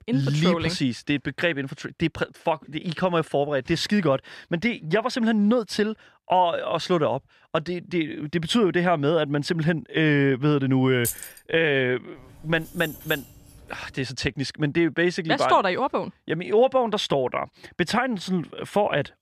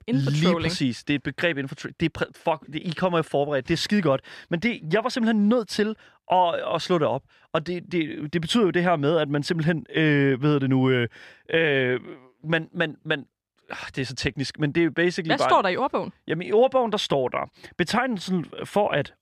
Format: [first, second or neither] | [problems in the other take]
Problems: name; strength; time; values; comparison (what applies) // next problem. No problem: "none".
second | jangling keys; noticeable; at 11 s; peak 6 dB below the speech // jangling keys; faint; from 12 to 14 s; peak 15 dB below the speech